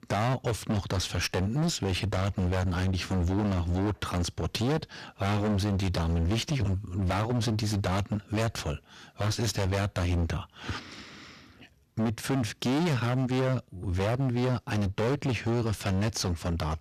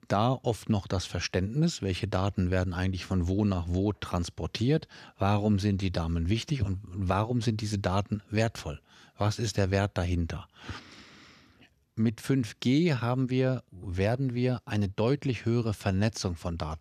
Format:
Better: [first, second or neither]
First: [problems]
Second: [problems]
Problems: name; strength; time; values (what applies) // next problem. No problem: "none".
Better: second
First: distortion; heavy; 30% of the sound clipped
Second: none